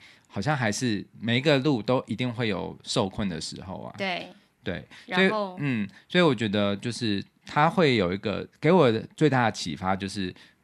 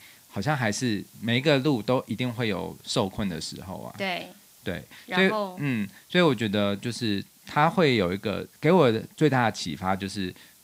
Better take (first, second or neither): first